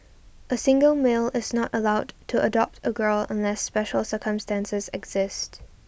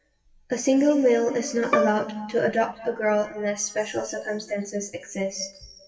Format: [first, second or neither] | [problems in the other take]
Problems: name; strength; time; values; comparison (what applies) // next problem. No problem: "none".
first | noise reduction (classical method WPE with log-MMSE)